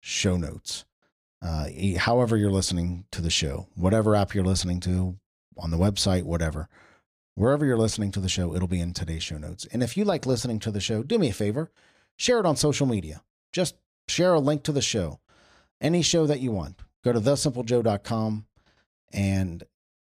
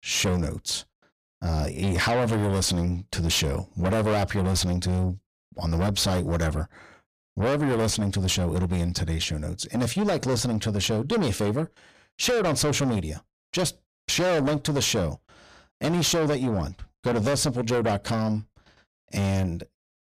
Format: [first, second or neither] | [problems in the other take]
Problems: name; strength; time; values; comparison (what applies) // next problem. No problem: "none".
first | distortion; heavy; 6 dB below the speech